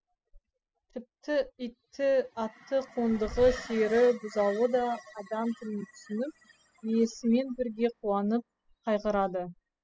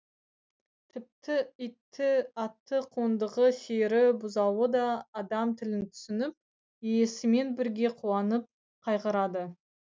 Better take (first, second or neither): second